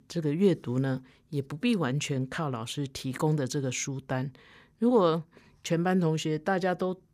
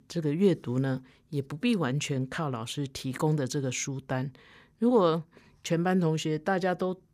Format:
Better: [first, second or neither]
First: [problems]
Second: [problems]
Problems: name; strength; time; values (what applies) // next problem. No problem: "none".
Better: neither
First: none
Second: none